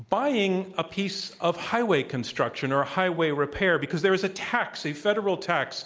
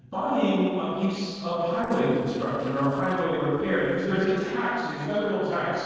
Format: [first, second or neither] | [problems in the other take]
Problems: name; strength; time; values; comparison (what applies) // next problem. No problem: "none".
first | noise reduction (neural separator model SepFormer DNS4)